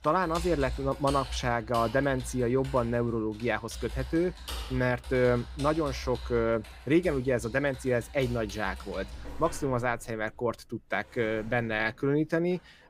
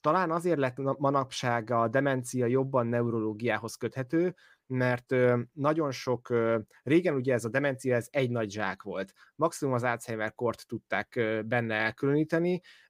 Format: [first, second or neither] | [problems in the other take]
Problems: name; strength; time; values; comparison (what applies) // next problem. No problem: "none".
second | household noises; noticeable; throughout; 15 dB below the speech